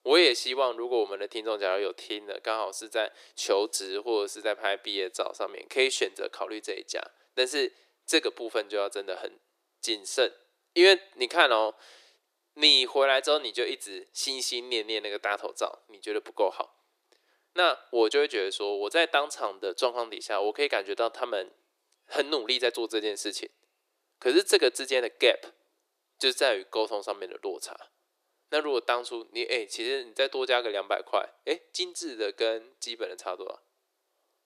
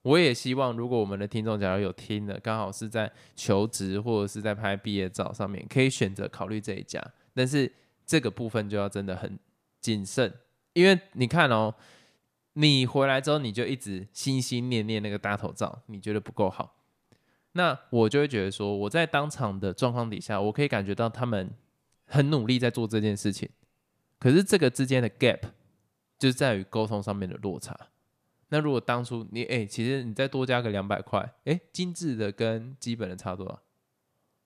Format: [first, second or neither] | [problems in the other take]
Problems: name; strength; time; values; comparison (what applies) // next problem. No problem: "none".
second | thin; very; fading below 350 Hz